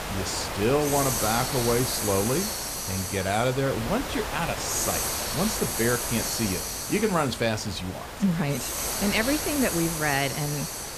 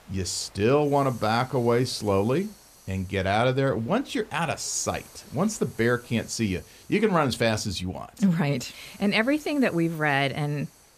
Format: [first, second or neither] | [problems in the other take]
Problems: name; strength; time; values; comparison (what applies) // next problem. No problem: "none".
second | hiss; loud; throughout; 2 dB below the speech; faint in the second